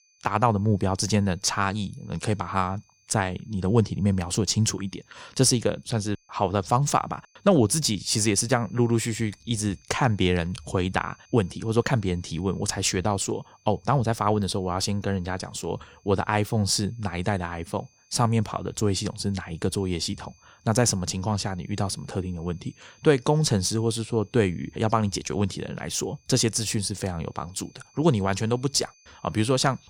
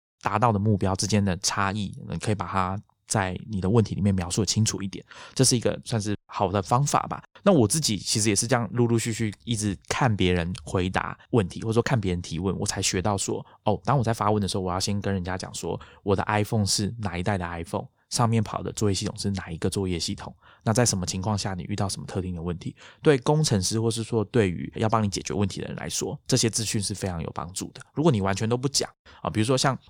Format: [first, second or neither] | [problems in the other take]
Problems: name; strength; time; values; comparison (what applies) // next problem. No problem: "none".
second | high-pitched whine; faint; throughout; 6 kHz, 35 dB below the speech